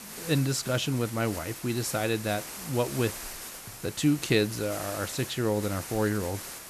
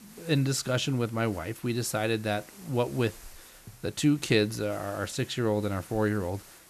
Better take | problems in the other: second | hiss; loud; throughout; 10 dB below the speech; faint in the second

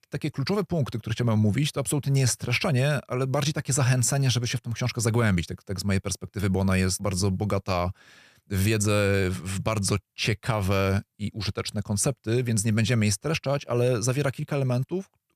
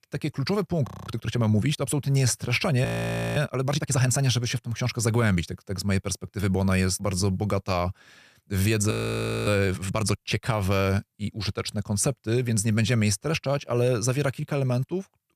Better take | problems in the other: first | audio freezing; at 1 s, at 3 s for 0.5 s and at 9 s for 0.5 s

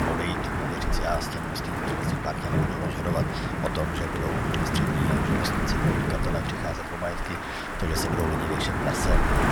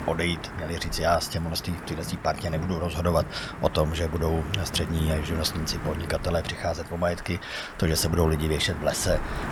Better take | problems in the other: second | wind noise on the microphone; heavy; 5 dB above the speech; occasional gusts in the second

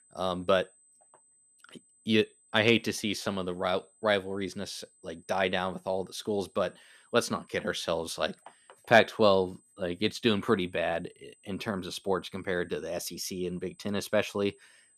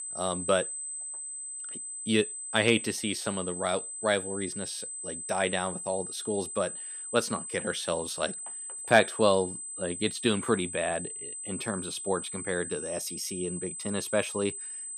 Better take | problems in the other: first | high-pitched whine; loud; throughout; 8 kHz, 6 dB below the speech; faint in the first

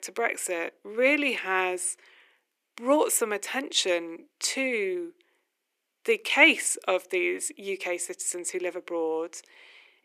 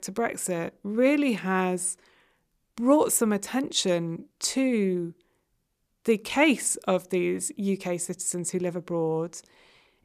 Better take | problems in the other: second | thin; somewhat; fading below 300 Hz

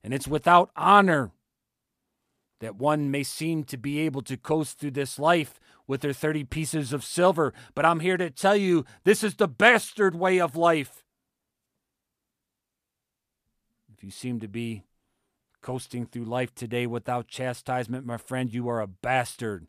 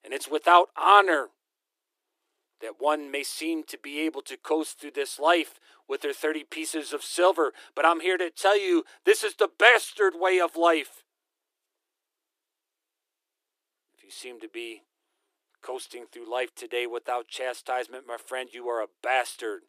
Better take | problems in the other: first | thin; very; fading below 300 Hz

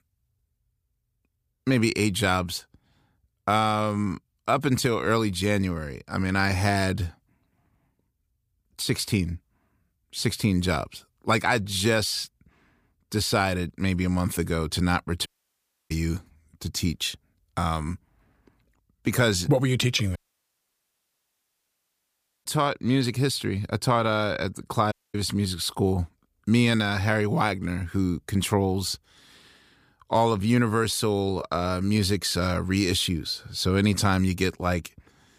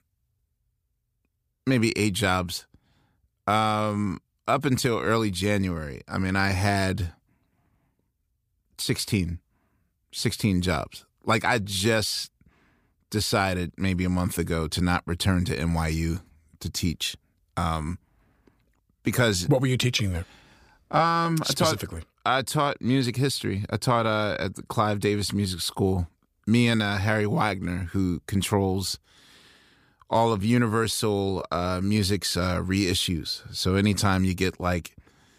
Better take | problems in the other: second | audio cutting out; at 15 s for 0.5 s, at 20 s for 2.5 s and at 25 s

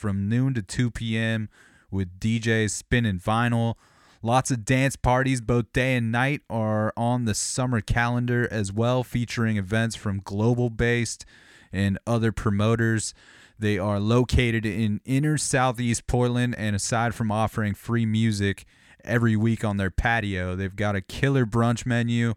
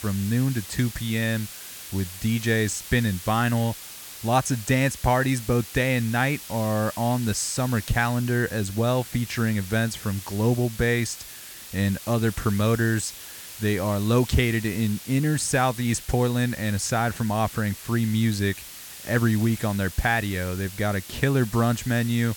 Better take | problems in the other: first | hiss; noticeable; throughout; 15 dB below the speech

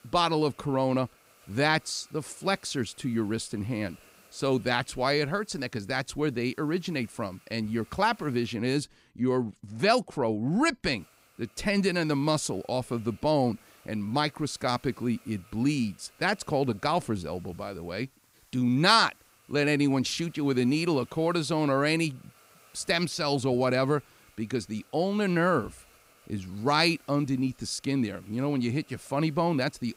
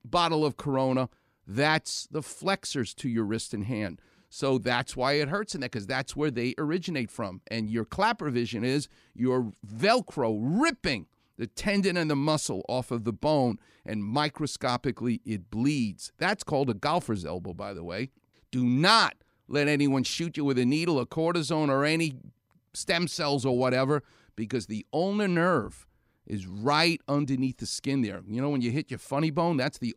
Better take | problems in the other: second | hiss; faint; until 8.5 s and from 11 s on; 30 dB below the speech

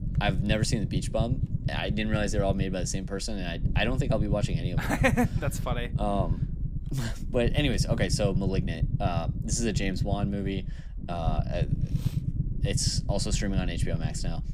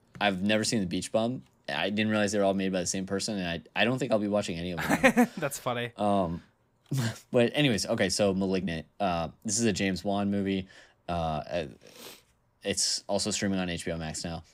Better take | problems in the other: second | low rumble; noticeable; throughout; 10 dB below the speech

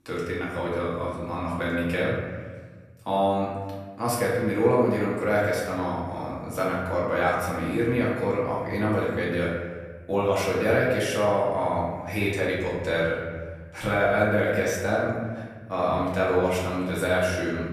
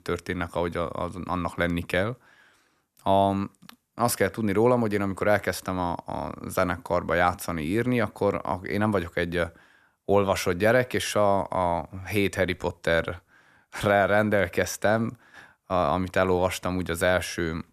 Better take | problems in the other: second | room echo; noticeable; dies away in 1.5 s // off-mic speech; far

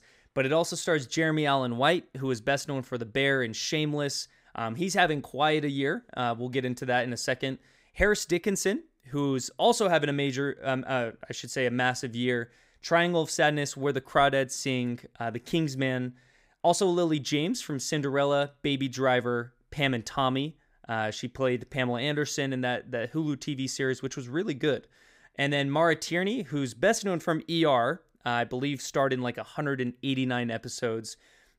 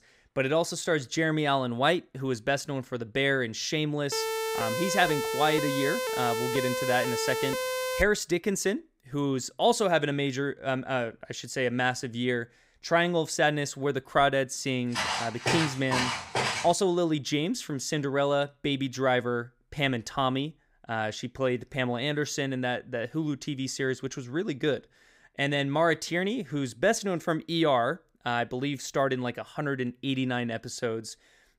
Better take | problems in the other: first | siren; noticeable; from 4 to 8 s; peak 1 dB below the speech // footsteps; loud; from 15 to 17 s; peak 1 dB above the speech

